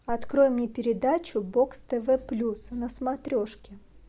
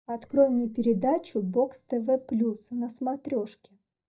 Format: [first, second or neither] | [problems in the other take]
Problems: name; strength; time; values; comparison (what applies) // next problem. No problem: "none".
first | noise reduction (neural mask model DeepFilterNet 3)